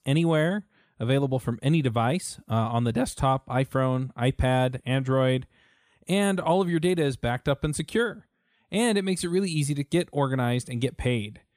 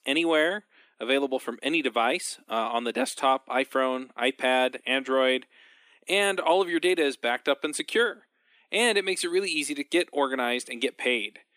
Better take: first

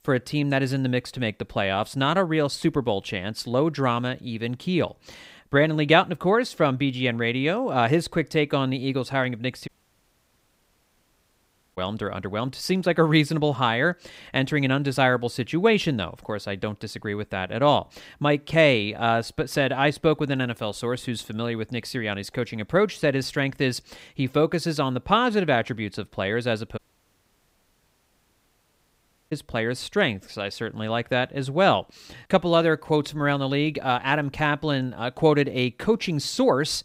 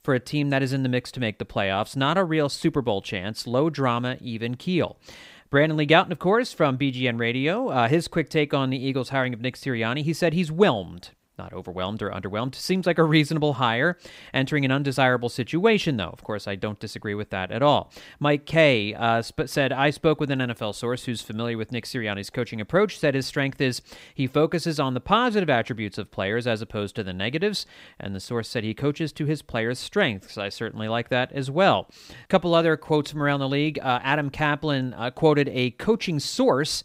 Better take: second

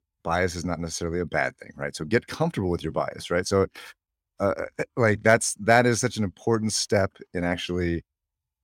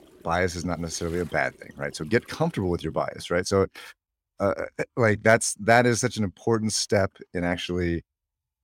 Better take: first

